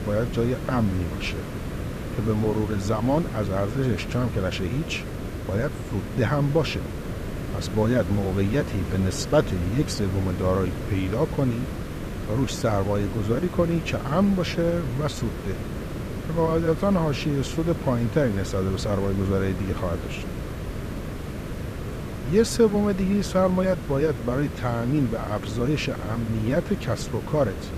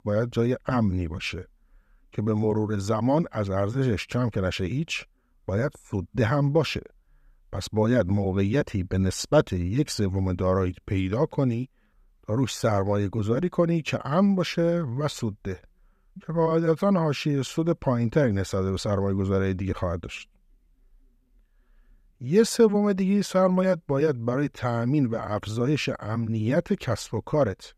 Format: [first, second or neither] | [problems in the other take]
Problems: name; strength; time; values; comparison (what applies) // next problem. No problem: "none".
second | hiss; loud; throughout; 7 dB below the speech